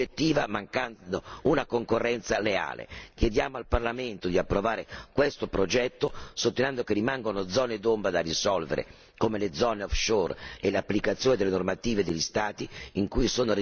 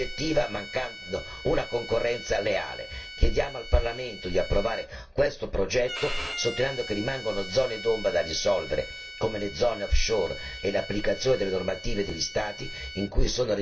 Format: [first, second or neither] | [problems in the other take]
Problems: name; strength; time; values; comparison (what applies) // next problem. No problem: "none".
first | background sound (Bowed string instrument); 13 dB below the speech // room echo; dies away in 0.2 s